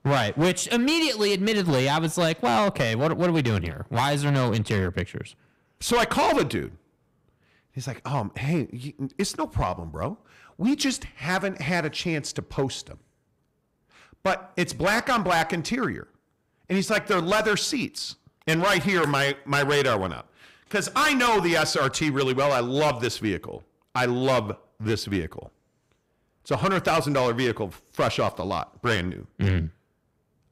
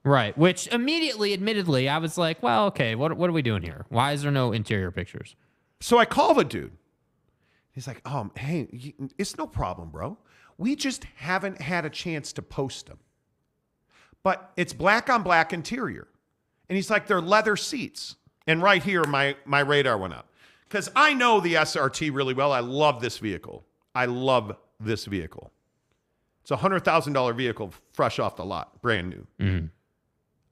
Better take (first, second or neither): second